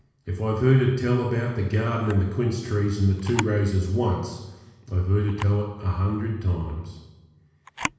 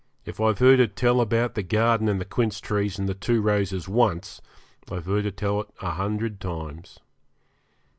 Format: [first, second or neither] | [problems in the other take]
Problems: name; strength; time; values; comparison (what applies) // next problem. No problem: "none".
second | background sound (Camera); 17 dB below the speech // room echo; dies away in 1.1 s